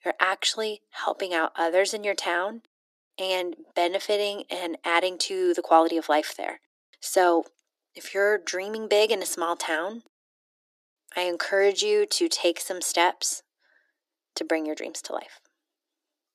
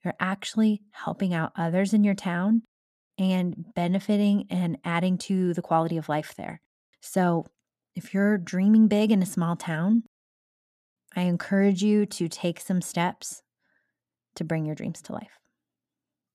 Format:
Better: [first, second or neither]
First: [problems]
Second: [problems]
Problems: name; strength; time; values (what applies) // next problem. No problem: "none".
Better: second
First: thin; very; fading below 300 Hz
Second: none